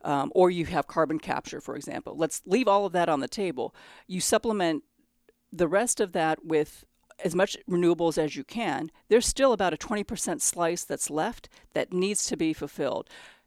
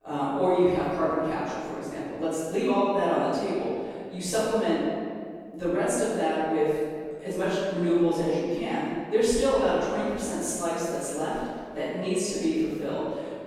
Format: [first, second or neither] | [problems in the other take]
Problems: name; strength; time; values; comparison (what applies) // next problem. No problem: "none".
first | off-mic speech; far // room echo; strong; dies away in 2 s